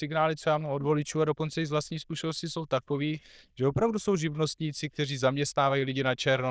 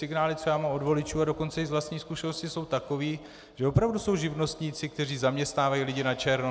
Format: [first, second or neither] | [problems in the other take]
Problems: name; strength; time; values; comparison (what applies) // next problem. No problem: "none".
second | noise reduction (neural diffusion model UNIVERSE++)